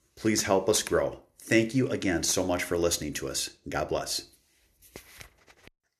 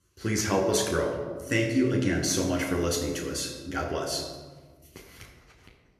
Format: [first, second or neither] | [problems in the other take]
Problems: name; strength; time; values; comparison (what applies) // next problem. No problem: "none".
first | off-mic speech; somewhat distant // room echo; noticeable; dies away in 1.2 s